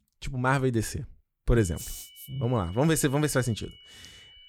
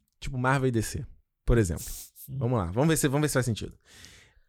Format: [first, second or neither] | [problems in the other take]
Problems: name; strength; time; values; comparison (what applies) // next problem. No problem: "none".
second | high-pitched whine; faint; from 1.5 s on; 3 kHz, 25 dB below the speech